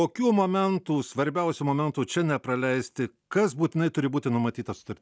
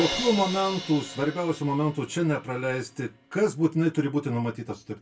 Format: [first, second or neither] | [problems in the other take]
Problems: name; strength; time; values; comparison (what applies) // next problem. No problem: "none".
first | background sound (Crash cymbal); 12 dB below the speech // room echo; dies away in 0.2 s